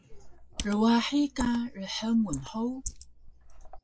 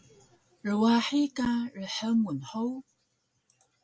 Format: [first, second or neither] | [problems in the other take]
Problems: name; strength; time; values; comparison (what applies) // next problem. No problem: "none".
second | noise reduction (neural mask model Resemble Enhance denoiser)